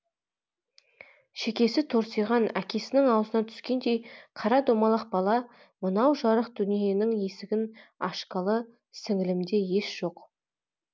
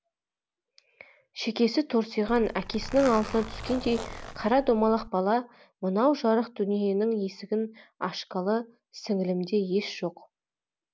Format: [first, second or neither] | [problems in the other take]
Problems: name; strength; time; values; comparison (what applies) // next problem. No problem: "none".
first | background sound (Zipper (clothing)); 11 dB below the speech